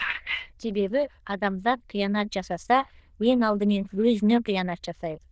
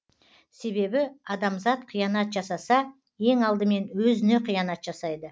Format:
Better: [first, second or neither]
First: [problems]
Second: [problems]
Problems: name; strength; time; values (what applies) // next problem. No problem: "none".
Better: second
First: noise reduction (neural diffusion model UNIVERSE++)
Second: none